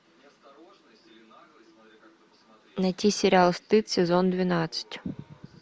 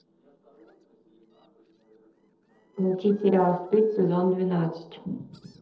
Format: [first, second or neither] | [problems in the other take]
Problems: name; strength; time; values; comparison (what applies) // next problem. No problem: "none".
first | noise reduction (neural separator model SepFormer DNS4)